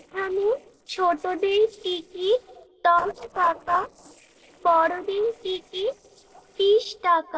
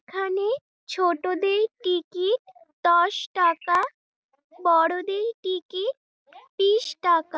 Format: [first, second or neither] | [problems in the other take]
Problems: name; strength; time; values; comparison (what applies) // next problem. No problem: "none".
second | noise reduction (neural separator model SepFormer DNS4)